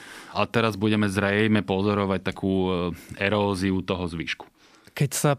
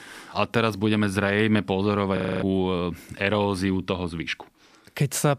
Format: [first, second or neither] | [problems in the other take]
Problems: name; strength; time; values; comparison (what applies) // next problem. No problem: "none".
first | audio freezing; at 2 s